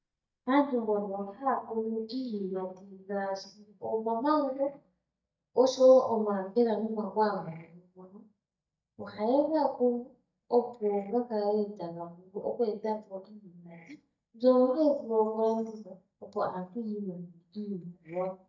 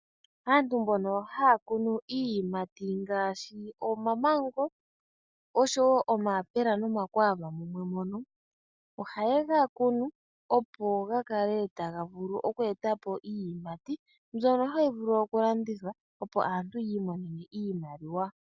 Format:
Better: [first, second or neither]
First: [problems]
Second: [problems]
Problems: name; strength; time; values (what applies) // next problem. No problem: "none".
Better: second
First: noise reduction (neural mask model DeepFilterNet 3)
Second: none